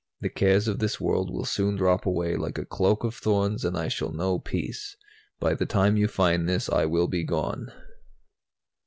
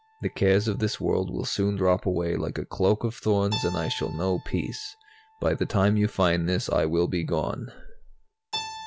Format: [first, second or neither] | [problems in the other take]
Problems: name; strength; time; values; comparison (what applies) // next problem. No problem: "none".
first | background sound (Keyboard (musical)); 17 dB below the speech